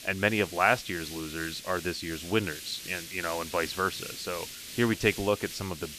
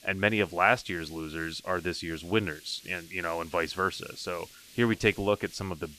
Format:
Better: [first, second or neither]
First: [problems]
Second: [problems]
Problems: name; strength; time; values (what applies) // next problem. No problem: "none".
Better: second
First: hiss; loud; throughout; 10 dB below the speech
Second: hiss; faint; throughout; 20 dB below the speech